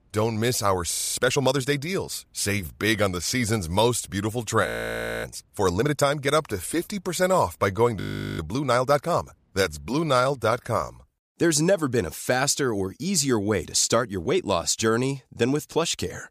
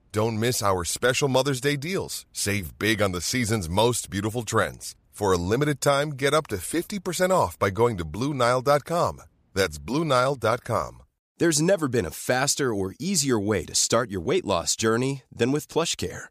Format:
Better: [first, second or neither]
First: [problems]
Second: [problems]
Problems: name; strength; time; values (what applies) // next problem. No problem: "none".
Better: second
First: audio freezing; at 1 s, at 4.5 s for 0.5 s and at 8 s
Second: none